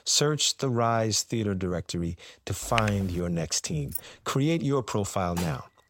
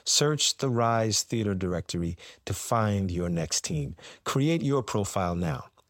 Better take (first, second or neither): second